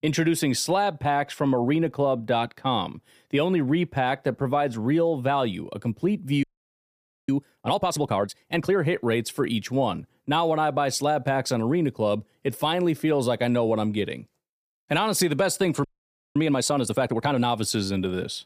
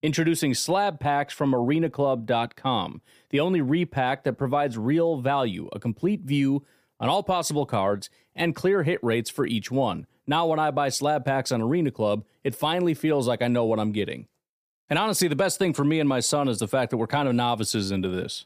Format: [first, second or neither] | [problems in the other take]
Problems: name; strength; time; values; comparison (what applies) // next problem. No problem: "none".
second | audio freezing; at 6.5 s for 1 s and at 16 s for 0.5 s